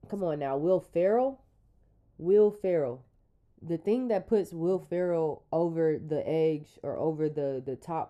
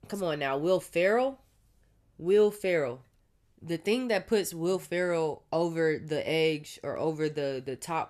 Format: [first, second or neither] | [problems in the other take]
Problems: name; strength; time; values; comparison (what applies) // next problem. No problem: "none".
second | muffled; very; fading above 1 kHz